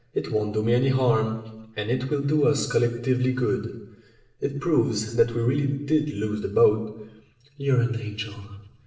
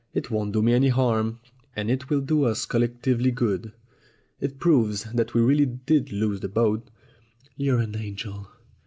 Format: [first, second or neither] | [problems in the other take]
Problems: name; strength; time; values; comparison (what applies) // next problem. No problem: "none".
second | room echo; dies away in 0.8 s